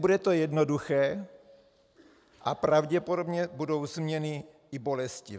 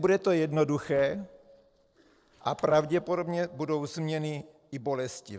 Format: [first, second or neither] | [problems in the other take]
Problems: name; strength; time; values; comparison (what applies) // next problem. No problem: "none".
first | noise reduction (neural separator model SepFormer DNS4)